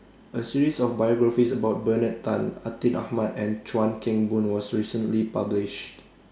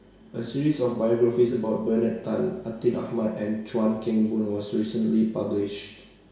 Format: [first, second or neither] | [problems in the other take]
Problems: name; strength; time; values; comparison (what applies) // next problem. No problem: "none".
first | room echo; dies away in 0.8 s